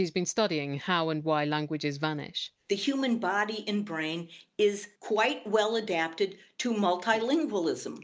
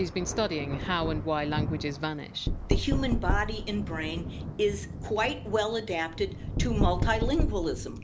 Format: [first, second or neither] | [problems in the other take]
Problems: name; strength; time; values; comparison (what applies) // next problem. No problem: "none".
first | background sound (Thunder + Knock); 1 dB below the speech